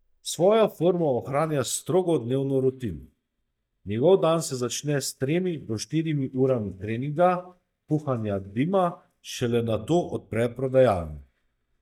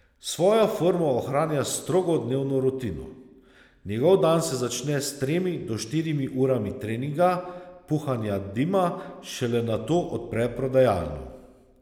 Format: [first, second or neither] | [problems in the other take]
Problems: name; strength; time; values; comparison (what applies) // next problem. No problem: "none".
second | noise reduction (neural mask model DeepFilterNet 3)